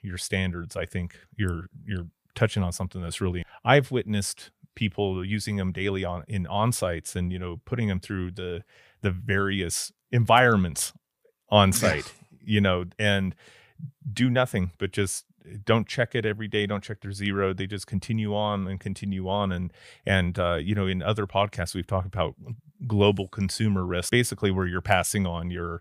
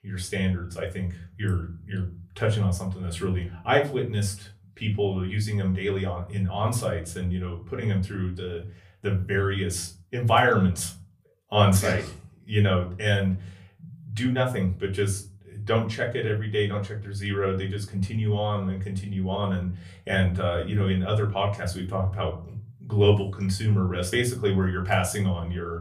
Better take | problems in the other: first | off-mic speech; far // room echo; very slight; dies away in 0.3 s

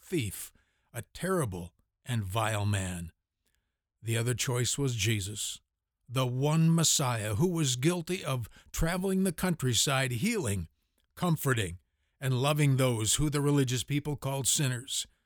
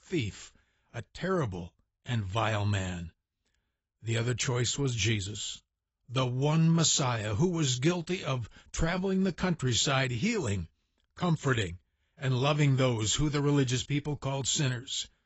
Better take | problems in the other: first | garbled, watery; badly; nothing above 7.5 kHz

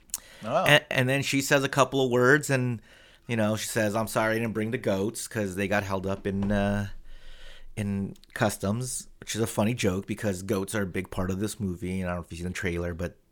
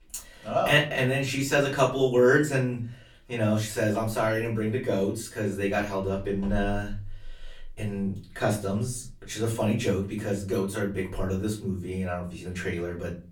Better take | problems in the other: first | off-mic speech; far // room echo; slight; dies away in 0.3 s

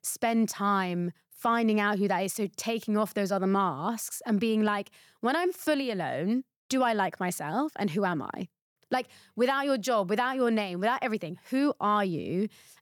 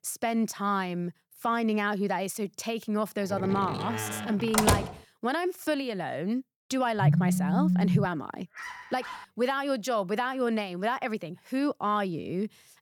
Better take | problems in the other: first | door banging; loud; from 3.5 to 5 s; peak 5 dB above the speech // phone ringing; loud; from 7 to 8 s; peak 6 dB above the speech // dog barking; faint; at 8.5 s; peak 10 dB below the speech

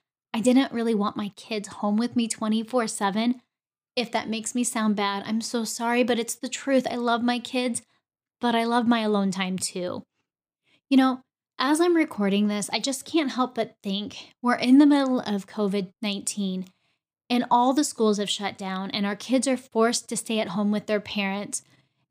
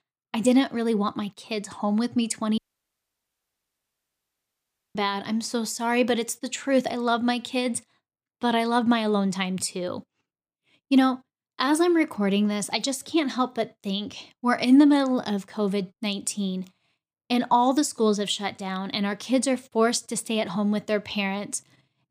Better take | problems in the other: first | audio cutting out; at 2.5 s for 2.5 s

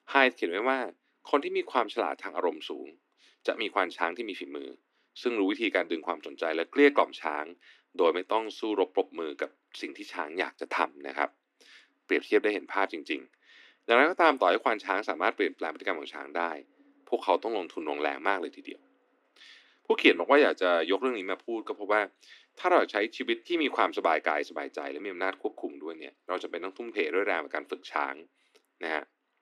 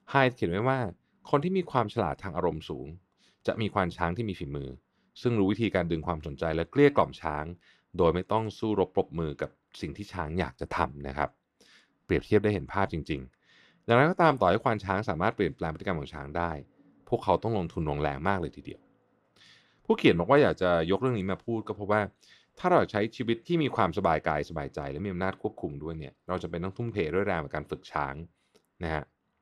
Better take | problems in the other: second | thin; very slightly; fading below 250 Hz

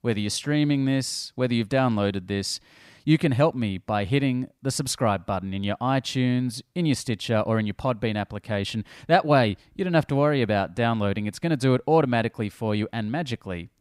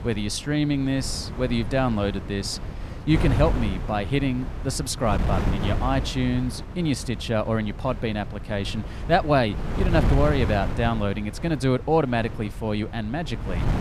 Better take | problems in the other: first | wind noise on the microphone; occasional gusts; 10 dB below the speech

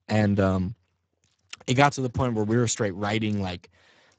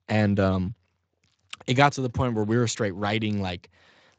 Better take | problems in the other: second | garbled, watery; badly; nothing above 7.5 kHz; slightly in the second

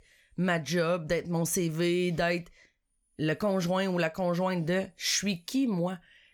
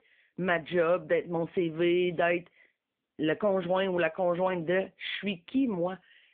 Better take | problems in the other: first | phone-call audio; poor line

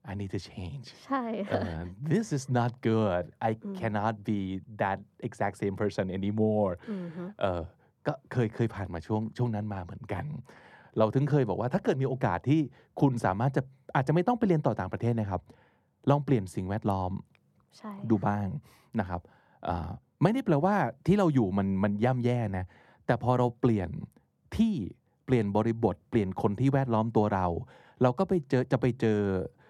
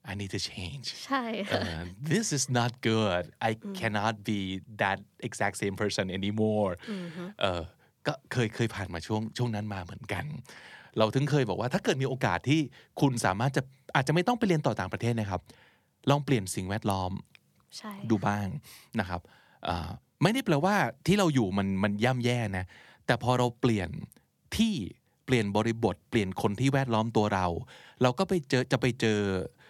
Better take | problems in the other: second | muffled; slightly; fading above 2 kHz

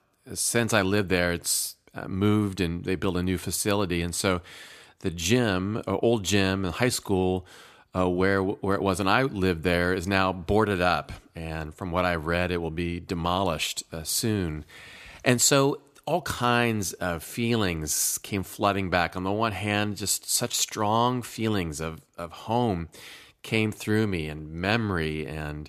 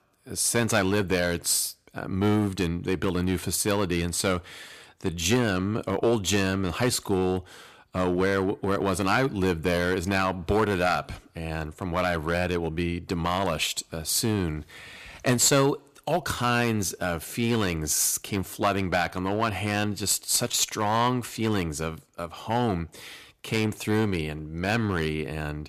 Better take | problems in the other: first | distortion; slight; 3% of the sound clipped

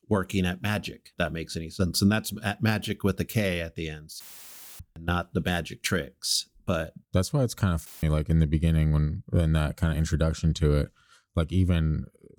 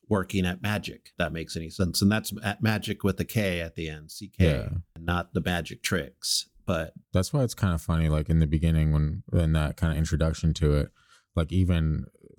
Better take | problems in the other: second | audio cutting out; filled with static; at 4 s for 0.5 s and at 8 s

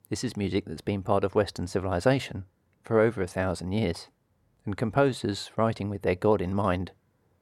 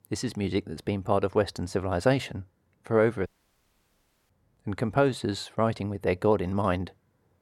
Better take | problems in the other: first | audio cutting out; at 3.5 s for 1 s

